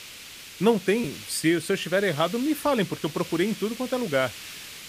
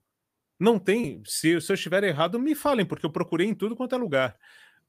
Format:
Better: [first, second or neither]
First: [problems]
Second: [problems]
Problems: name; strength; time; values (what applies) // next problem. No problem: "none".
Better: second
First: hiss; noticeable; throughout; 15 dB below the speech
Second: none